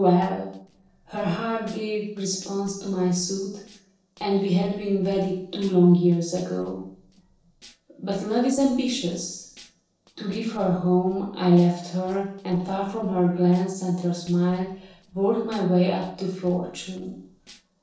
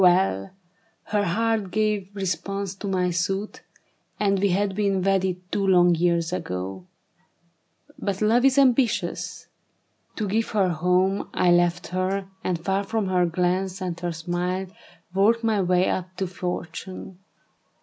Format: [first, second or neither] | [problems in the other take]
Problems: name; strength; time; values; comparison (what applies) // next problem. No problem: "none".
second | noise reduction (neural separator model SepFormer DNS4)